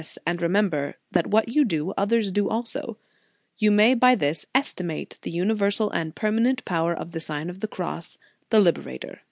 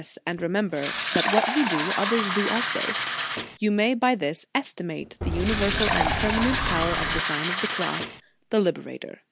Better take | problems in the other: first | background sound (Fill (with liquid) + Subway, metro, underground); as loud as the speech

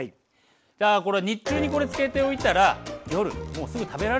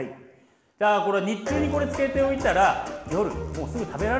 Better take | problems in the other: first | room echo; dies away in 1 s

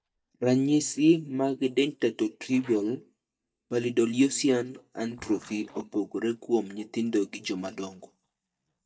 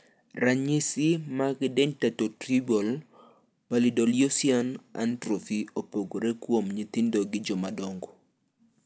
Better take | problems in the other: second | noise reduction (neural mask model DeepFilterNet 3)

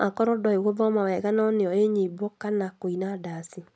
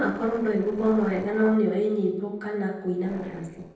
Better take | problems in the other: first | noise reduction (neural separator model SepFormer DNS4)

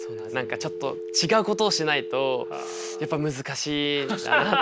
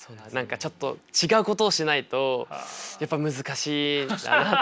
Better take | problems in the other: second | background sound (Telephone); 9 dB below the speech

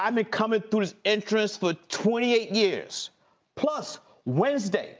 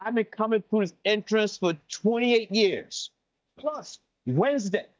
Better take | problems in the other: first | noise reduction (neural mask model DeepFilterNet 3)

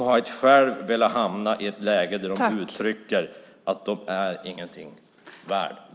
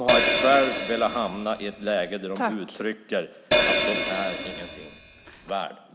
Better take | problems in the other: first | background sound (Hi-hat); 1 dB above the speech

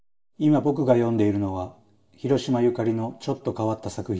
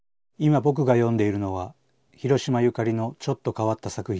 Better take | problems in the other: second | room echo; dies away in 0.6 s

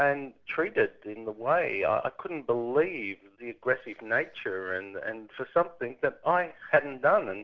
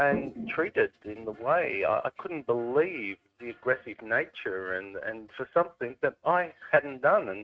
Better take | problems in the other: first | noise reduction (neural mask model RNNoise)

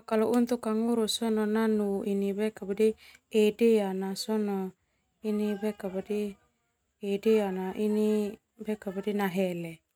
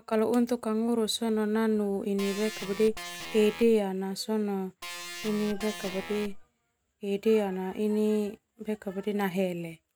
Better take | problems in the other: first | background sound (Organ); 11 dB below the speech

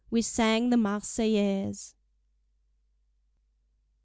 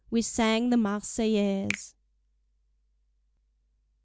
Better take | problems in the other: first | background sound (Finger snapping); 14 dB below the speech

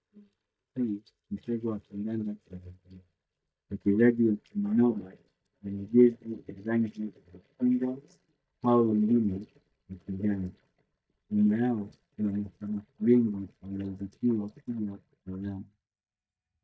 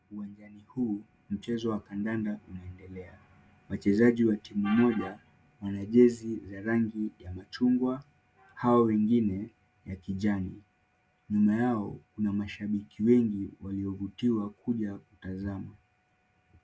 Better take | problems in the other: second | noise reduction (neural mask model DeepFilterNet 3)

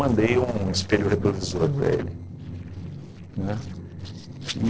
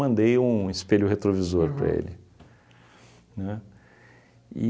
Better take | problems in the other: second | noise reduction (neural separator model SepFormer DNS4)

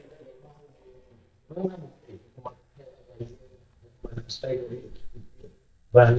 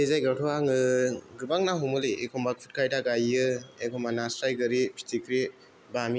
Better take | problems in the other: second | noise reduction (neural mask model DeepFilterNet 3)

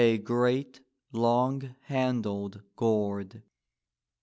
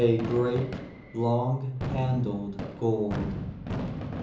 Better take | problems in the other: first | background sound (Fireworks); 7 dB below the speech // room echo; dies away in 0.6 s

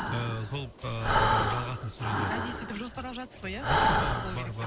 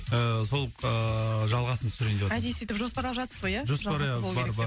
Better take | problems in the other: second | background sound (Breathing); 4 dB above the speech

